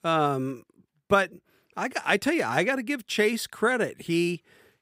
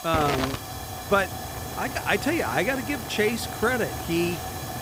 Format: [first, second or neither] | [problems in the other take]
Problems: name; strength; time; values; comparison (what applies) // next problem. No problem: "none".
first | hiss; loud; throughout; 6 dB below the speech